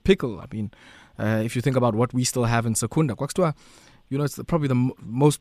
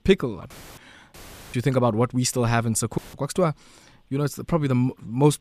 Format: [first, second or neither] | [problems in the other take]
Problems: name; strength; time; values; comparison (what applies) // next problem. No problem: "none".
first | audio cutting out; filled with static; at 0.5 s, at 1 s and at 3 s